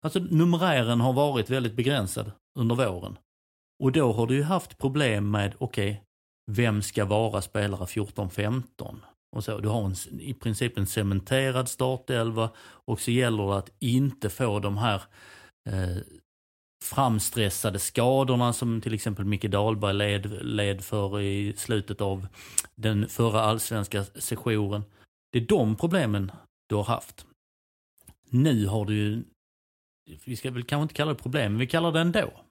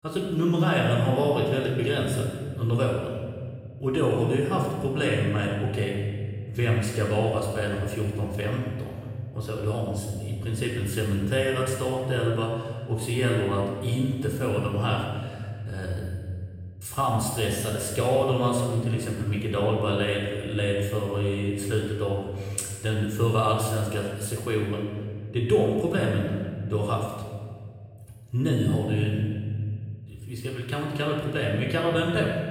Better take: first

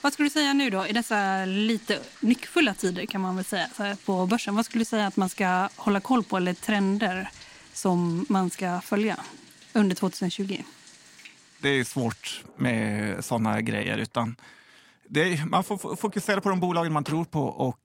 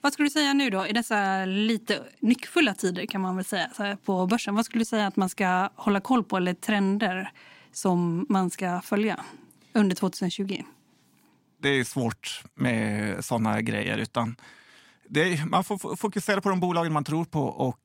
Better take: second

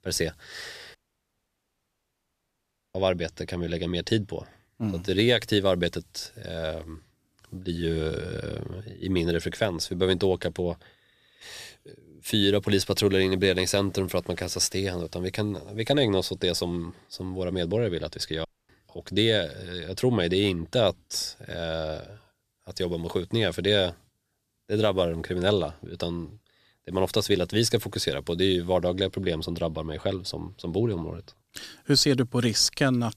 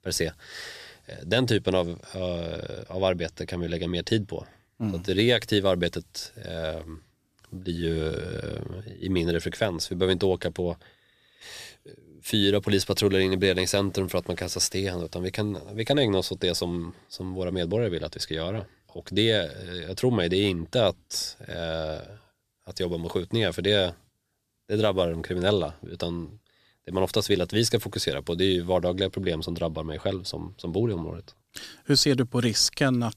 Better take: second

